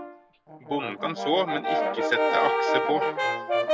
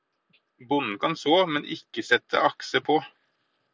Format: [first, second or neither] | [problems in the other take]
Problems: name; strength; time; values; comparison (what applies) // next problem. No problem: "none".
second | background sound (Brass instrument); 4 dB above the speech